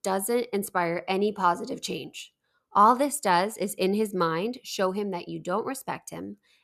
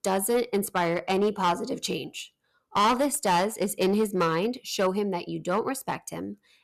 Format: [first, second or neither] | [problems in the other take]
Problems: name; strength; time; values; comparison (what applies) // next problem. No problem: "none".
first | distortion; heavy; 6% of the sound clipped